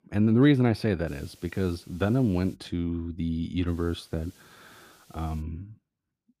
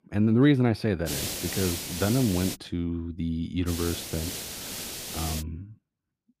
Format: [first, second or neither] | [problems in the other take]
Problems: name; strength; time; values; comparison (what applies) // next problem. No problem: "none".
first | hiss; loud; from 1 to 2.5 s and from 3.5 to 5.5 s; 6 dB below the speech; faint in the first